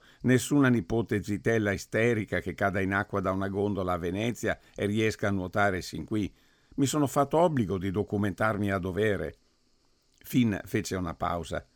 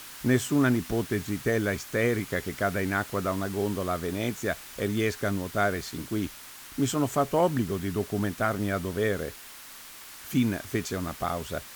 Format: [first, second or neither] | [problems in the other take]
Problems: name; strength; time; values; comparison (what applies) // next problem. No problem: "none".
first | hiss; noticeable; throughout; 15 dB below the speech